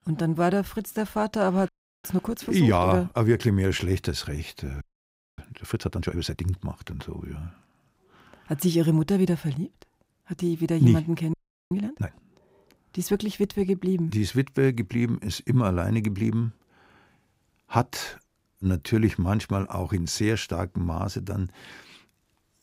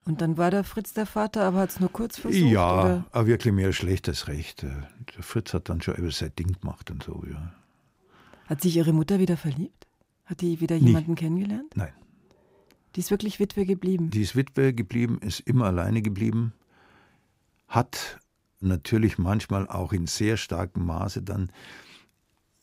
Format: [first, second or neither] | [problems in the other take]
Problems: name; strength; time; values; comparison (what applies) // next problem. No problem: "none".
second | audio freezing; at 1.5 s, at 5 s for 0.5 s and at 11 s